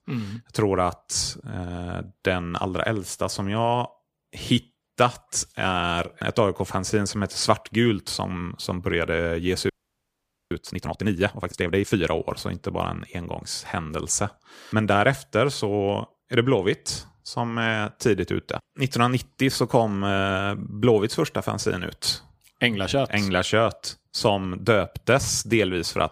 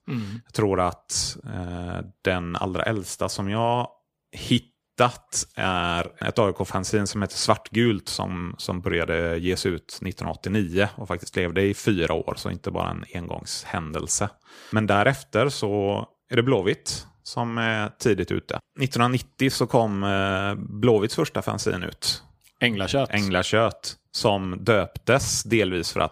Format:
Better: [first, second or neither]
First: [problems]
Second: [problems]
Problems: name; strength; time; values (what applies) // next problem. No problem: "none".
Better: second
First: audio freezing; at 9.5 s for 1 s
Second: none